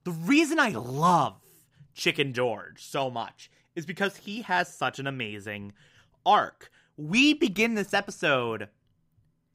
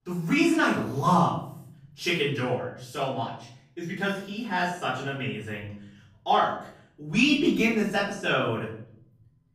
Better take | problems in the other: first | off-mic speech; far // room echo; noticeable; dies away in 0.7 s

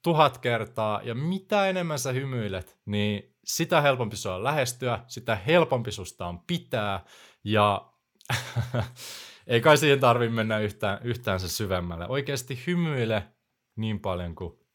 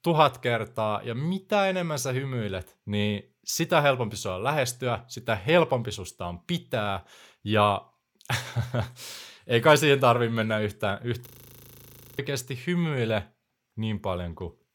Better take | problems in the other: first | audio freezing; at 11 s for 1 s

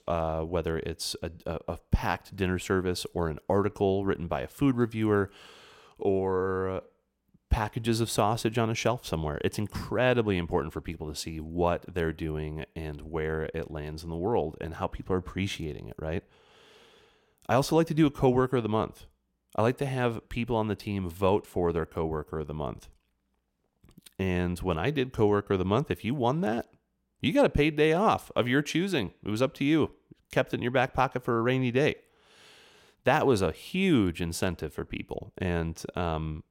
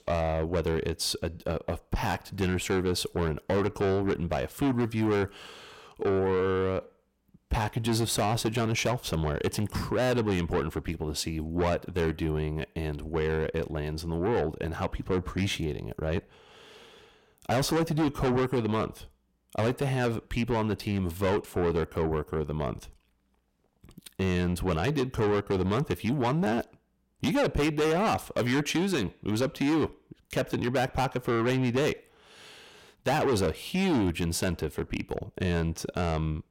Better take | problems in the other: first | distortion; heavy; 7 dB below the speech

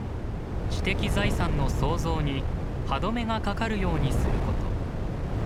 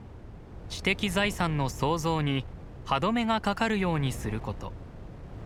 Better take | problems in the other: second | wind noise on the microphone; heavy; 6 dB below the speech; occasional gusts in the second

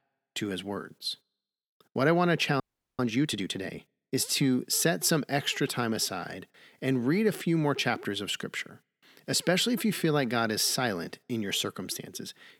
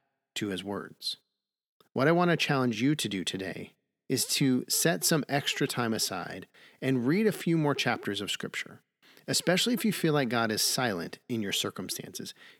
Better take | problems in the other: second | audio freezing; at 2.5 s

